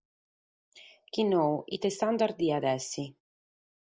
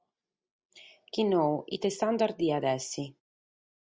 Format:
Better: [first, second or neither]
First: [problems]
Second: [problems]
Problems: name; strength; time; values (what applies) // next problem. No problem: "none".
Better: second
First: noise reduction (neural mask model Resemble Enhance denoiser)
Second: none